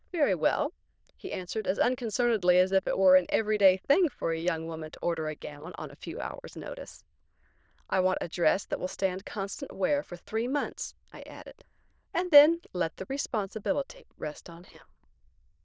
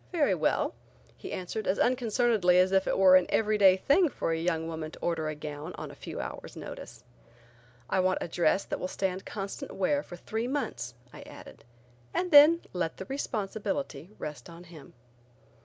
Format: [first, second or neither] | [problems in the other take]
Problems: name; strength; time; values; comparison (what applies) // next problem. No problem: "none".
second | noise reduction (neural diffusion model UNIVERSE++)